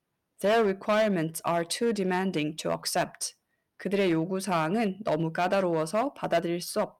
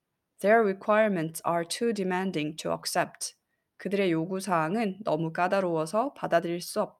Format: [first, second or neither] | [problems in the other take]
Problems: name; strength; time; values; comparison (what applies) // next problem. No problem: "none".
second | distortion; slight; 5% of the sound clipped